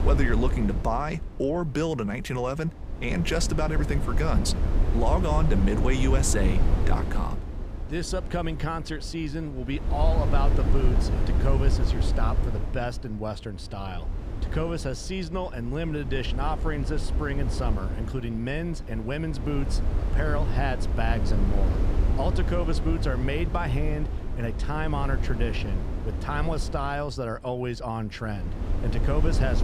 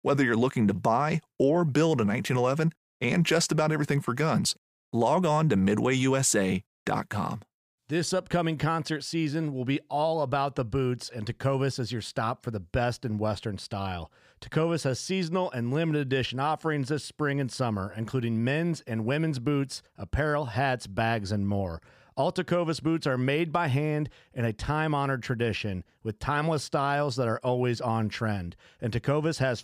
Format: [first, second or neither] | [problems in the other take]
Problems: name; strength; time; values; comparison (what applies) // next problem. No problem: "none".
second | wind noise on the microphone; heavy; 8 dB below the speech